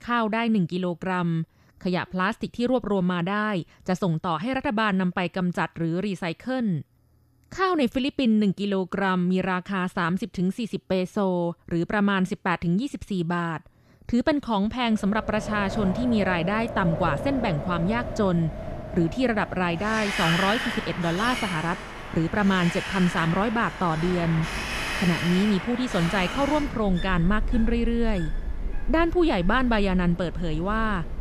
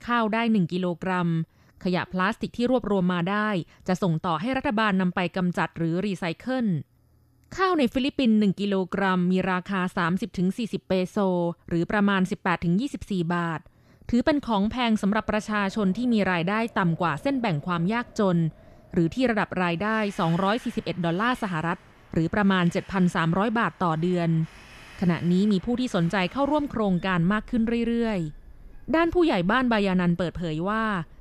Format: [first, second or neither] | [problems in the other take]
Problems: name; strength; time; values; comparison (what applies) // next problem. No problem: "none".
second | wind in the background; loud; from 15 s on; 7 dB below the speech; faint in the second